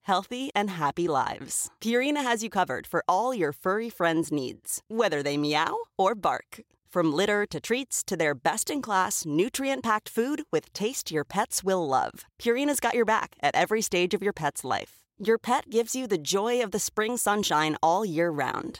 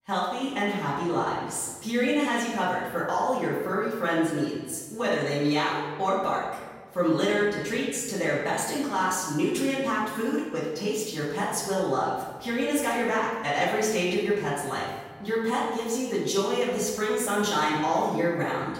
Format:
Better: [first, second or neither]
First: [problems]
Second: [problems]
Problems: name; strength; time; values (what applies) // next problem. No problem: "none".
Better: first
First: none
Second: room echo; noticeable; dies away in 1.2 s // off-mic speech; far